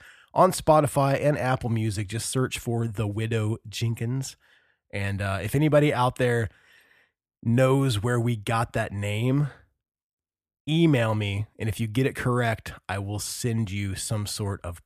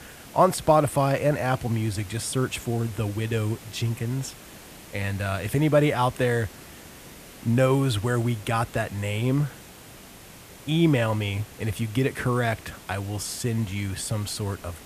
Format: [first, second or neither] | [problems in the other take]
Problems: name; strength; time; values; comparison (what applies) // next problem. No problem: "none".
first | hiss; noticeable; throughout; 20 dB below the speech